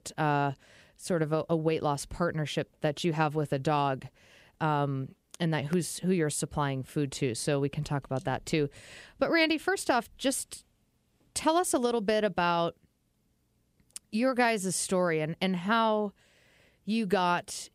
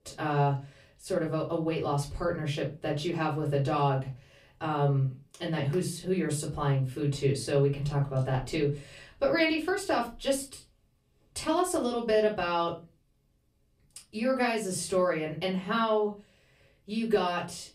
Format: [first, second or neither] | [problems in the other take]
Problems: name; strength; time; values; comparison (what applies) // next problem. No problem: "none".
first | off-mic speech; far // room echo; very slight; dies away in 0.3 s